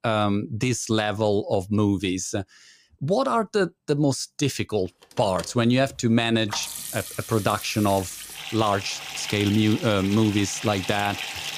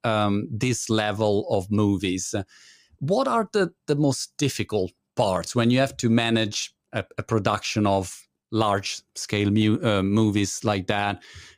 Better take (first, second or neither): second